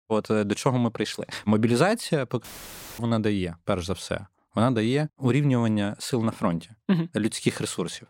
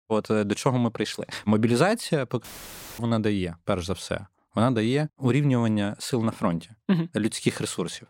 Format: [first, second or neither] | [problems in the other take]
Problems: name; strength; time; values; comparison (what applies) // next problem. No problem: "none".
neither | audio cutting out; filled with static; at 2.5 s for 0.5 s; the same in both